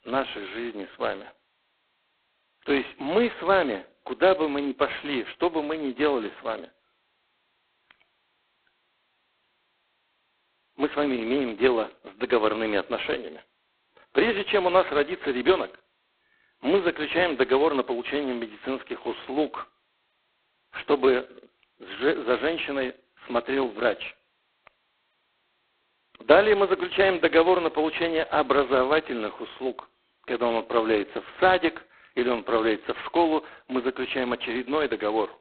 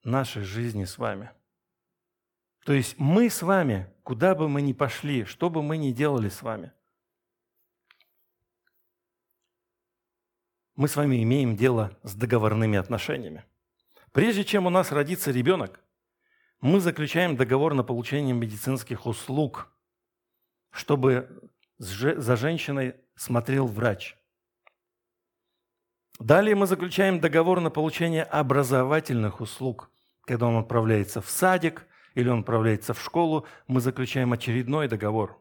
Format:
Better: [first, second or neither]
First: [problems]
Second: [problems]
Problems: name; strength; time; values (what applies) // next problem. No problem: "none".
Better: second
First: phone-call audio; poor line; nothing above 4 kHz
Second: none